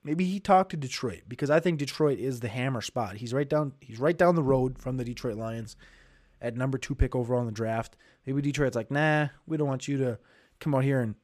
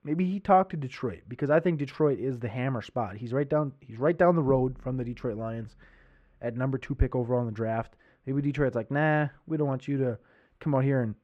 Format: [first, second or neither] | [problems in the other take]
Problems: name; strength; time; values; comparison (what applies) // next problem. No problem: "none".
first | muffled; very; fading above 3.5 kHz